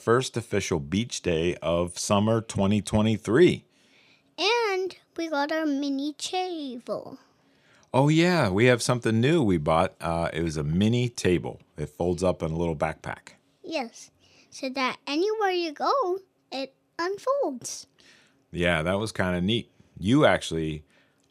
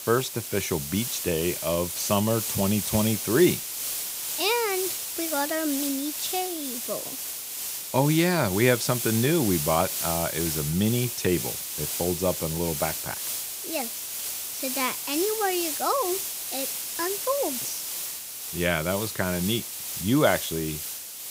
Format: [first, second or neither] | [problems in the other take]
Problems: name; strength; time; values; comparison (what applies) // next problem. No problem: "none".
first | hiss; loud; throughout; 3 dB below the speech